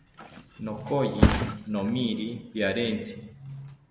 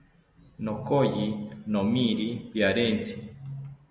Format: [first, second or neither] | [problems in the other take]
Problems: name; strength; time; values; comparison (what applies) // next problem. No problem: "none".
second | background sound (Thump, thud); 1 dB below the speech